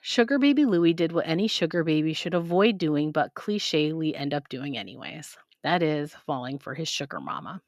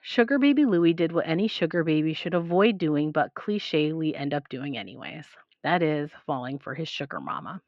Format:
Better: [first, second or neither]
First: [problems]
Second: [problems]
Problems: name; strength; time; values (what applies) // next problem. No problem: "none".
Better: first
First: none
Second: muffled; slightly; fading above 2.5 kHz